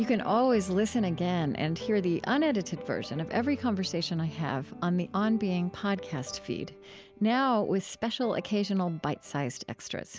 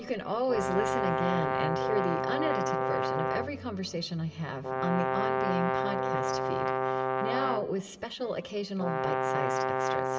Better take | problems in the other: first | background sound (Brass instrument); 3 dB above the speech // room echo; dies away in 2.6 s

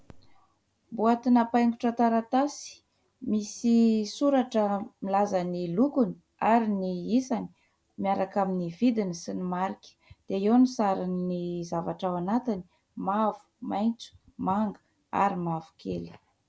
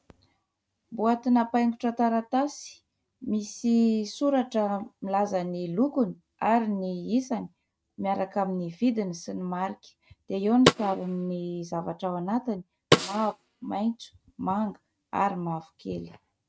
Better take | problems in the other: first | noise reduction (neural mask model RNNoise)

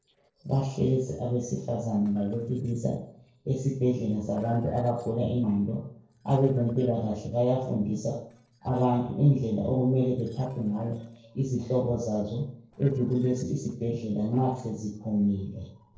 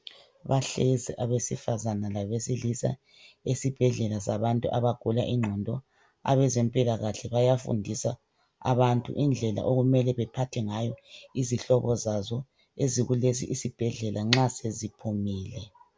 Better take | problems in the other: second | noise reduction (neural separator model SepFormer DNS4)

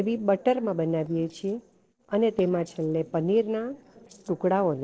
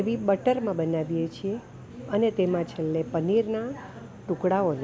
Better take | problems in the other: second | noise reduction (neural separator model SepFormer DNS4)

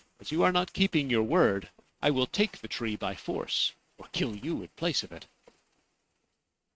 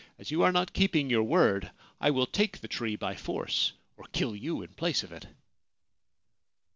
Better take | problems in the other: second | noise reduction (neural mask model RNNoise)

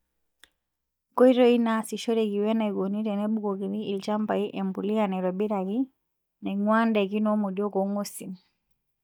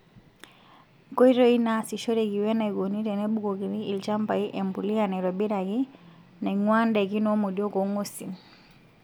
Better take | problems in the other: second | noise reduction (neural mask model DeepFilterNet 3)

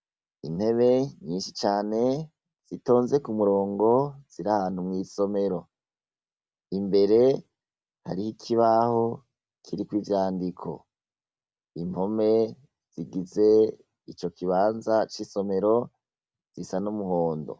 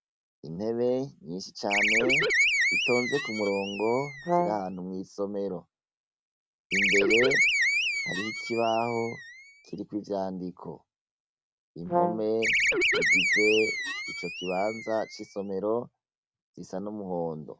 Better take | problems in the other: first | background sound (Brass instrument + Animal); 4 dB above the speech

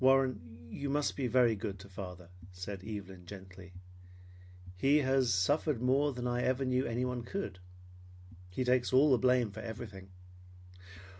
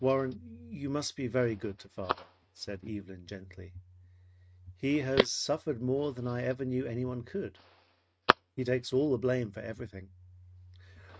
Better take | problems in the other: first | noise reduction (neural mask model RNNoise)

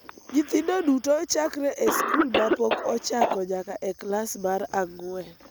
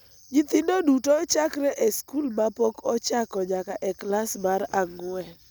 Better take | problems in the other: second | background sound (Cough); 4 dB below the speech

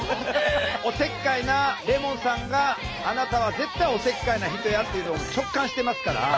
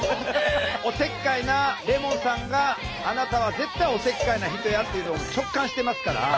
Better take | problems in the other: first | background sound (Cowbell); 14 dB below the speech

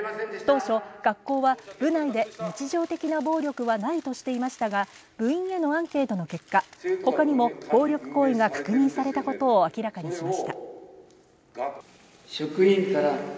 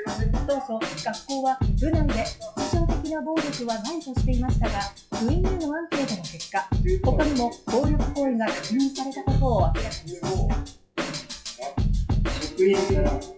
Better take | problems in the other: first | noise reduction (classical method WPE with log-MMSE)

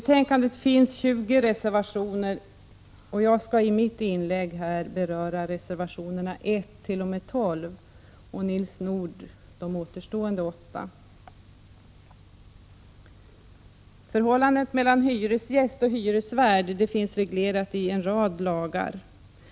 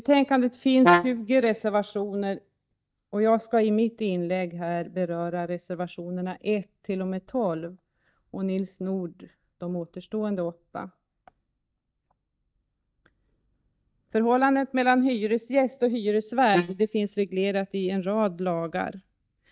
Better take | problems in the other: first | noise reduction (neural mask model DeepFilterNet 3)

